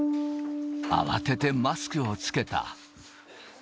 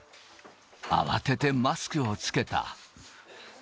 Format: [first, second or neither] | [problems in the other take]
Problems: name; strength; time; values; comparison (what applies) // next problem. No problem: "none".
second | background sound (Bass guitar); 4 dB below the speech